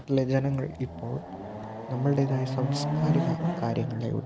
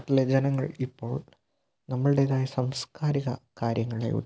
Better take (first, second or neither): second